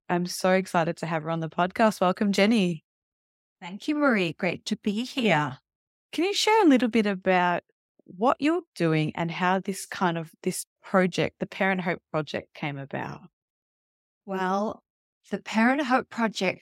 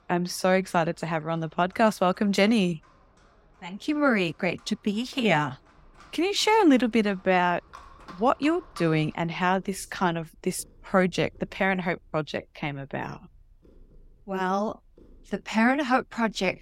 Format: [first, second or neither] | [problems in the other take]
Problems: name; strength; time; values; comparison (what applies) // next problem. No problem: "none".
first | animal sounds; faint; throughout; 30 dB below the speech